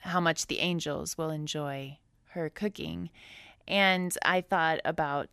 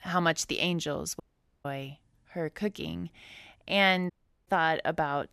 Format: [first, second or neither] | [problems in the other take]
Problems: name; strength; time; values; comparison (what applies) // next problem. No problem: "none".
first | audio cutting out; at 1 s and at 4 s